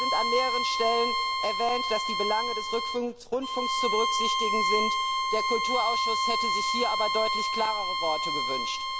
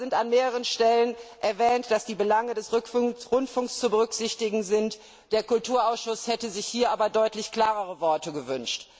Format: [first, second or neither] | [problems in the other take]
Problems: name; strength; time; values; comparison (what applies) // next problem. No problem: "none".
second | background sound (Bowed string instrument); 3 dB above the speech